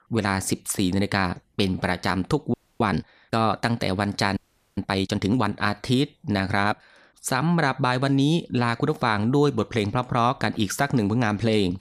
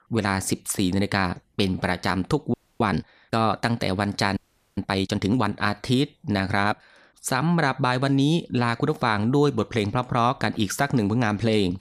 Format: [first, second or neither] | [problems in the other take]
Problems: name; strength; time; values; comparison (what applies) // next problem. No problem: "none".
neither | audio freezing; at 2.5 s and at 4.5 s; the same in both